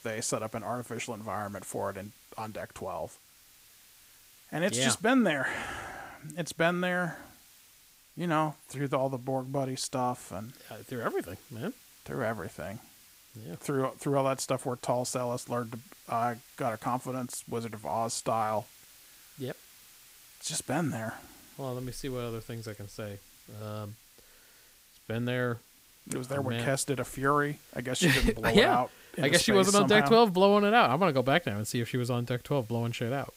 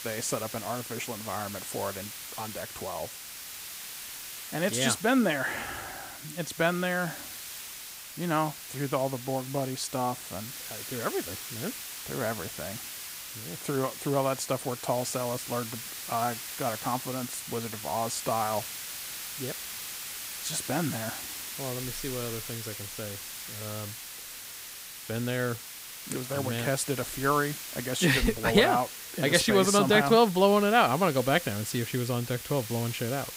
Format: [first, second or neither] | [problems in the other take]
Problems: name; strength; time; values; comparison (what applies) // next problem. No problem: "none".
first | hiss; loud; throughout; 9 dB below the speech; faint in the first